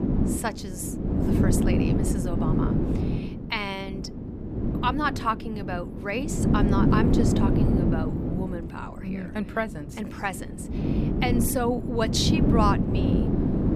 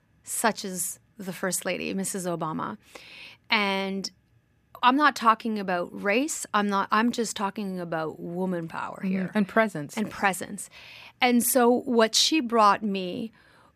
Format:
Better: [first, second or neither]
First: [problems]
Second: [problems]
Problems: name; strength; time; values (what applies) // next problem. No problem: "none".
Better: second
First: wind noise on the microphone; heavy; 2 dB below the speech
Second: none